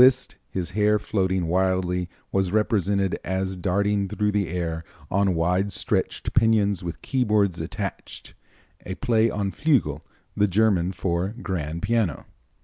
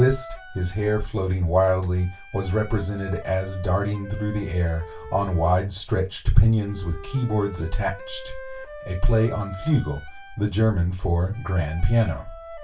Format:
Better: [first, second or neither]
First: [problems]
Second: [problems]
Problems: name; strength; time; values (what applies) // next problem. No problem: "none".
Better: first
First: none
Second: background sound (Wind instrument, woodwind instrument); 19 dB below the speech // room echo; dies away in 0.2 s